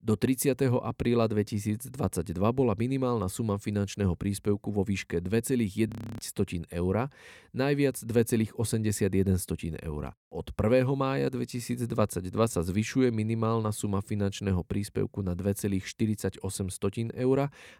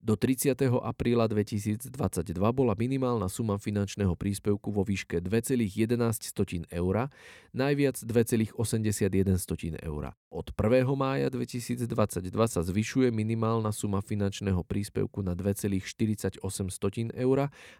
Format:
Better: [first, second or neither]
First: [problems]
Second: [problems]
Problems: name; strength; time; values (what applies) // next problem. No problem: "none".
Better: second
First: audio freezing; at 6 s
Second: none